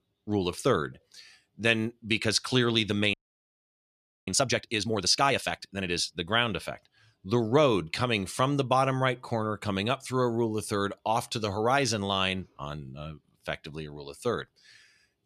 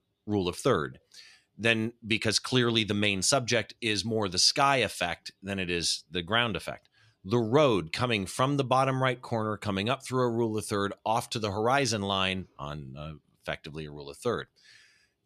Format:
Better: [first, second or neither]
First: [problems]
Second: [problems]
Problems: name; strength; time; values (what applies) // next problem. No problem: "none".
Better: second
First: audio freezing; at 3 s for 1 s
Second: none